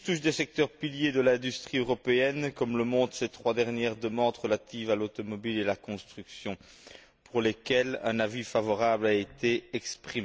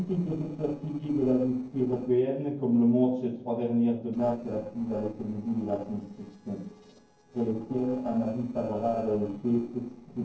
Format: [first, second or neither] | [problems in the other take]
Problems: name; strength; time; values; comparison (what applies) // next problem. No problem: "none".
first | noise reduction (neural separator model SepFormer DNS4)